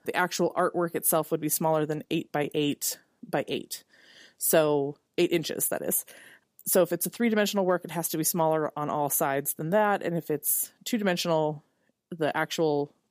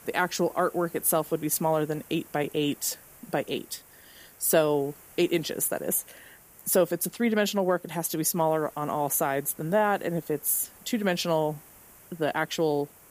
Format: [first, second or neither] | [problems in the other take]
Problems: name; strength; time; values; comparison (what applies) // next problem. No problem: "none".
first | hiss; faint; throughout; 25 dB below the speech